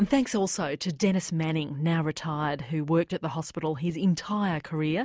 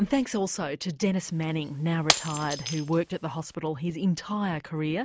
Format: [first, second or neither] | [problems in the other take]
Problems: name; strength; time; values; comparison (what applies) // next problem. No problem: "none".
first | background sound (Shatter); 6 dB below the speech